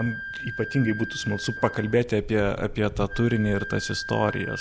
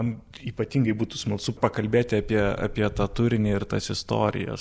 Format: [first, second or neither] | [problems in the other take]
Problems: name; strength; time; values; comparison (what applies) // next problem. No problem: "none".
second | background sound (Wind instrument, woodwind instrument); 11 dB below the speech